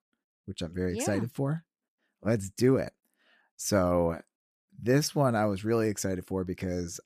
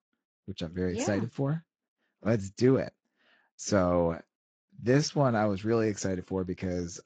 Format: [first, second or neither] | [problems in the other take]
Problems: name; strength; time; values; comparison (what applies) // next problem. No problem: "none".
first | garbled, watery; slightly; nothing above 7.5 kHz